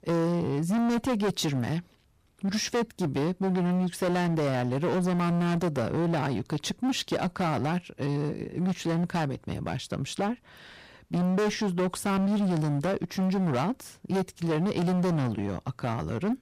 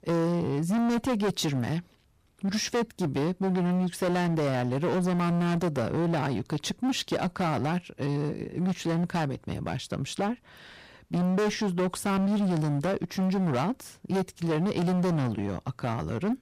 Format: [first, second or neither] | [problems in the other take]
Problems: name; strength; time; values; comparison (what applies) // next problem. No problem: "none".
neither | distortion; heavy; 24% of the sound clipped; the same in both